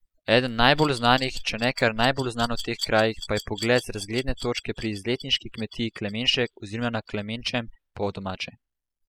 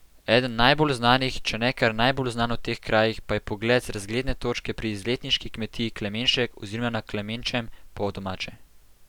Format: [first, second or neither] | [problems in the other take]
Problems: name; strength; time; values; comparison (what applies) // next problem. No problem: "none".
second | noise reduction (classical method spectral subtraction)